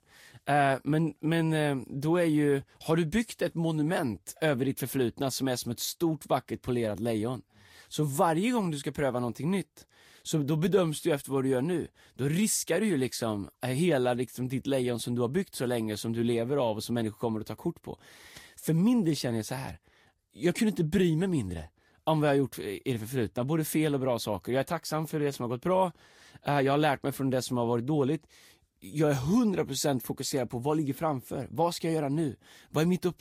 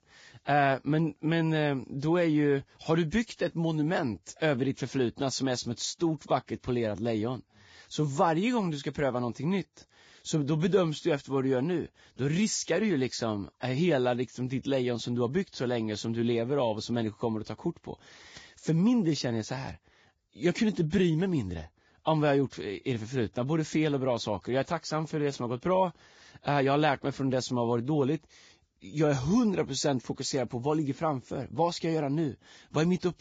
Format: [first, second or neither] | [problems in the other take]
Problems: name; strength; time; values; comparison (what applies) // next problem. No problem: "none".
first | garbled, watery; badly; nothing above 7.5 kHz; slightly in the first